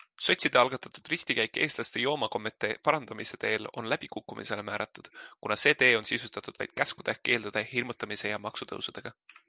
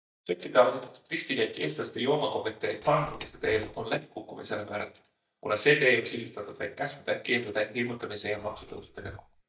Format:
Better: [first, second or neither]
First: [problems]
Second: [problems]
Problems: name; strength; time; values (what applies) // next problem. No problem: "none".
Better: first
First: none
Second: noise reduction (neural mask model DeepFilterNet 3)